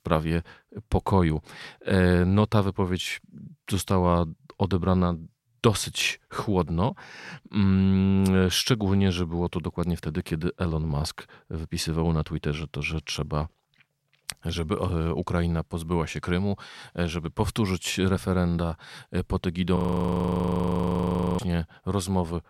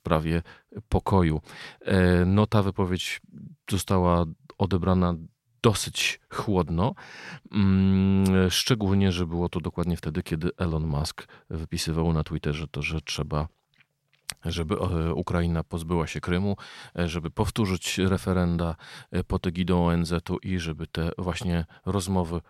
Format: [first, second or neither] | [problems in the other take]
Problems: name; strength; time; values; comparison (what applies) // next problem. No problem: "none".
second | audio freezing; at 20 s for 1.5 s